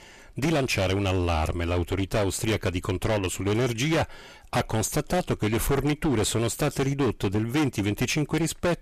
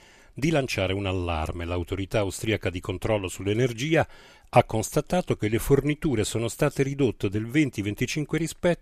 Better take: second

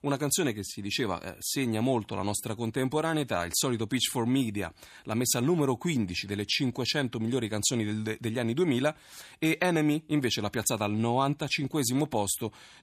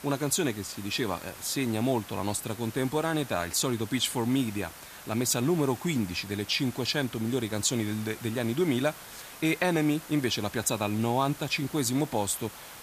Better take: first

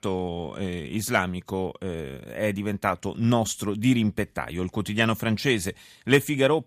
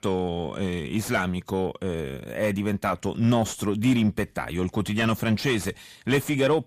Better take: first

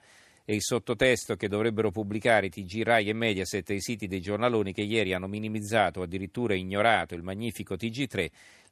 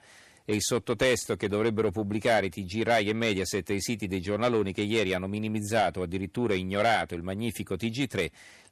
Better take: first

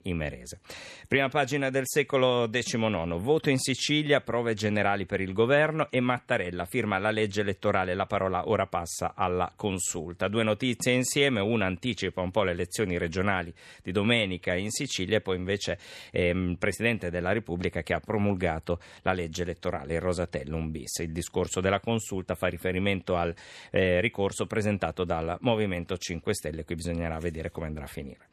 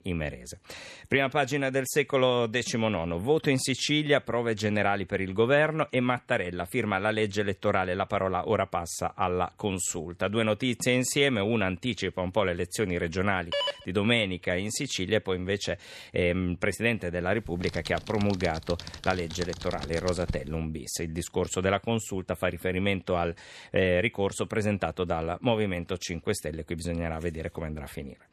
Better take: first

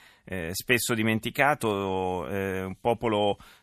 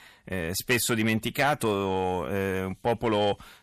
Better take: first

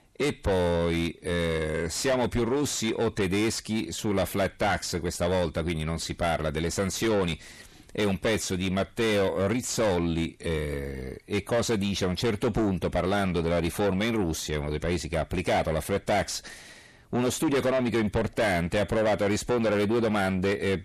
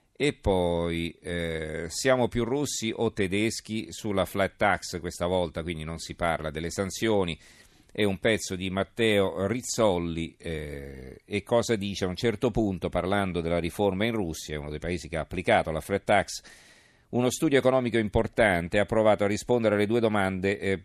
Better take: second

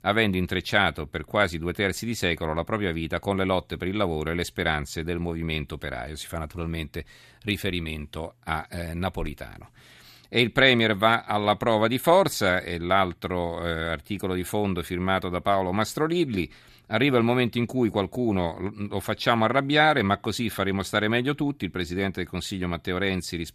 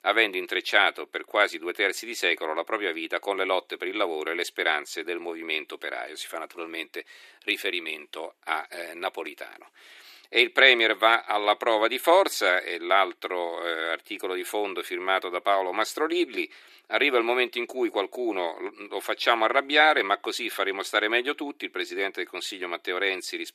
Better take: first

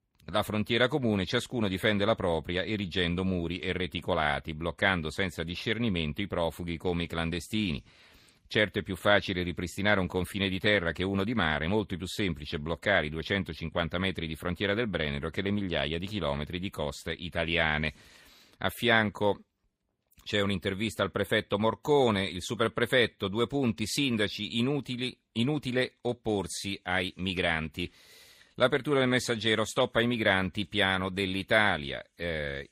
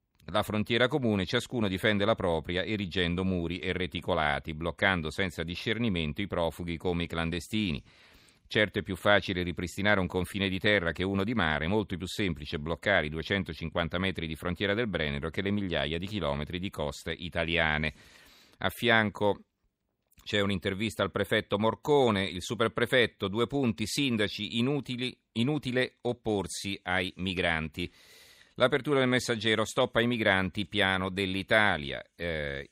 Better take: second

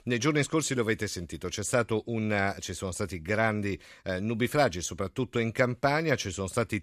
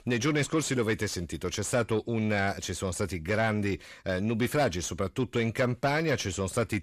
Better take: first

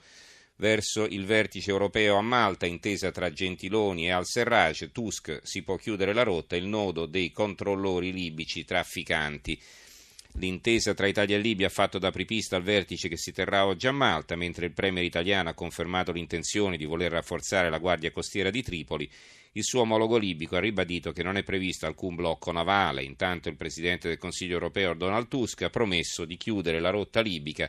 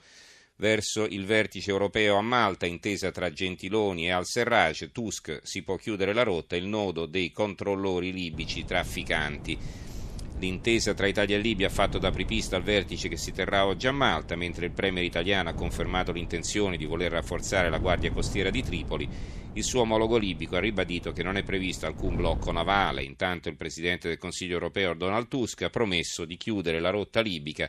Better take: first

